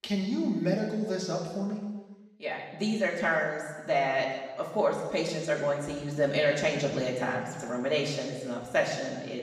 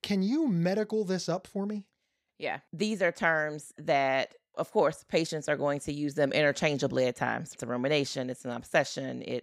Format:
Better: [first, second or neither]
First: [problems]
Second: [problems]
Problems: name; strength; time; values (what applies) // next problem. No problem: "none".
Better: second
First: room echo; noticeable; dies away in 1.2 s // off-mic speech; far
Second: none